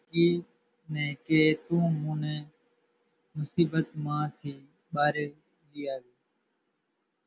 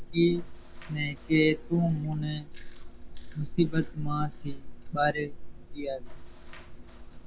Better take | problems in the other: first | background sound (Chewing, mastication); 7 dB below the speech

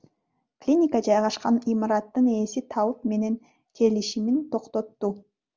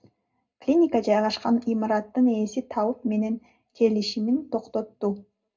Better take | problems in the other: first | room echo; dies away in 0.2 s

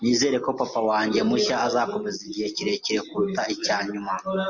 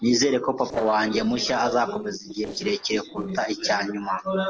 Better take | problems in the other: first | noise reduction (neural separator model SepFormer DNS4)

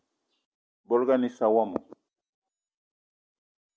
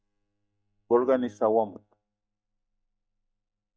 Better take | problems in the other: first | noise reduction (neural mask model DeepFilterNet 3)

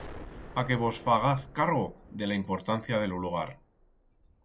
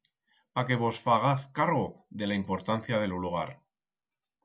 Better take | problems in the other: second | background sound (Explosion); 17 dB below the speech

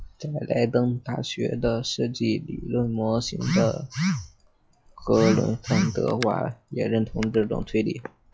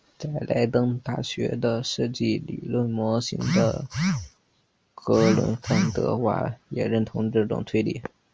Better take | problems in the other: second | noise reduction (classical method log-MMSE)

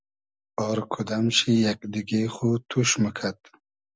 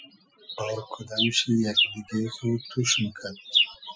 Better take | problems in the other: first | noise reduction (classical method Wiener filter)

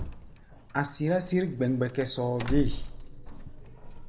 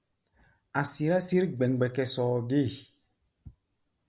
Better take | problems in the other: second | background sound (Doorbell); 5 dB below the speech // room echo; dies away in 1.2 s

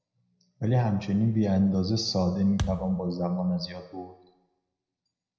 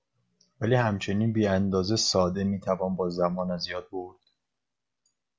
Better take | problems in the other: second | background sound (Thump, thud); 8 dB below the speech // room echo; dies away in 0.8 s

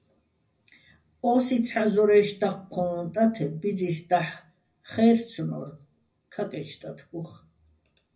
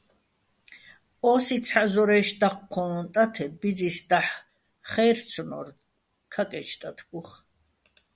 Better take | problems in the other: second | room echo; dies away in 0.4 s

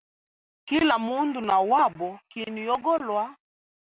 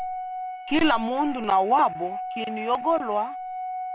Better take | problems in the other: first | background sound (Organ); 7 dB below the speech

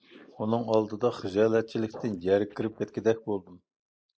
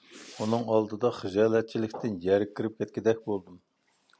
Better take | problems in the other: second | noise reduction (neural mask model Resemble Enhance denoiser)

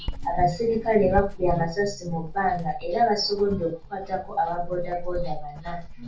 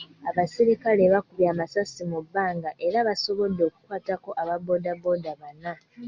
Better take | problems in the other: second | background sound (Writing); 8 dB below the speech // room echo; dies away in 0.2 s

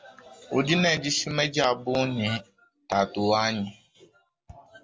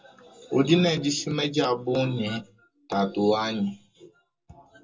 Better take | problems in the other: first | room echo; dies away in 0.2 s

